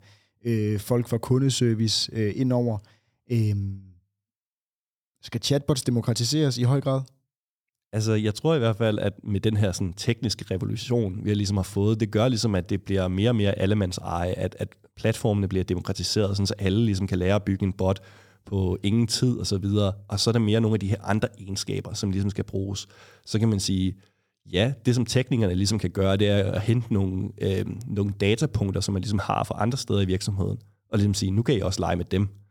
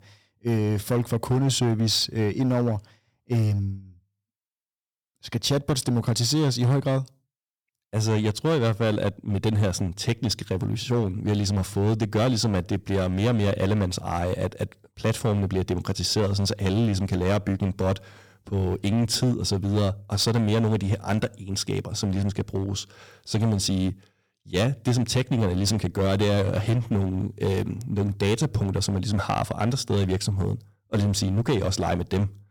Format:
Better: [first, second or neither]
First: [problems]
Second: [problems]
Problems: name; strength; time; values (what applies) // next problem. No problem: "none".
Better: first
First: none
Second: distortion; slight; 10% of the sound clipped